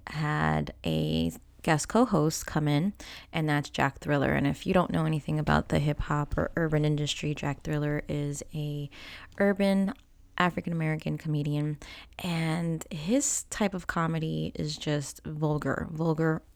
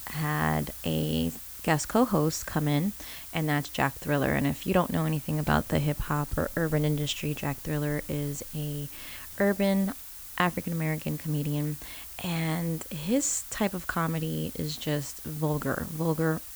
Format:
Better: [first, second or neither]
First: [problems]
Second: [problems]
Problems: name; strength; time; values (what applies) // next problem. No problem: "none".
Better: first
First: none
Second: hiss; noticeable; throughout; 10 dB below the speech